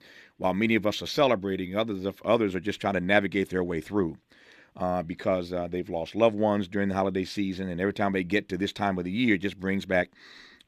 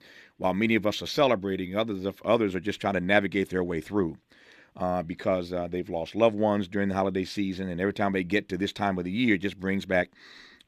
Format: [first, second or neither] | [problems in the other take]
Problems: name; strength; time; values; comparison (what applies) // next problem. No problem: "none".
neither | none